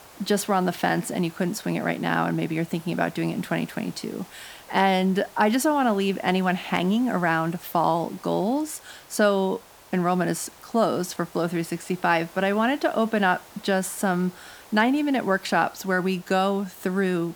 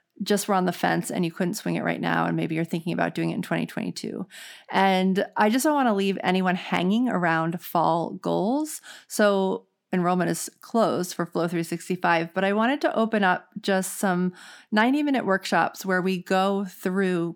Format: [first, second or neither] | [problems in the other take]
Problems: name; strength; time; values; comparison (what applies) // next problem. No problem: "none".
second | hiss; faint; throughout; 20 dB below the speech